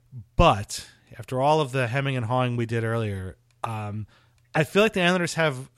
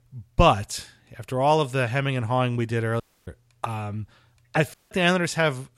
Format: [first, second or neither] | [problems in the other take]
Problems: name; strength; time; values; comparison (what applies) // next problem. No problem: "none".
first | audio cutting out; at 3 s and at 4.5 s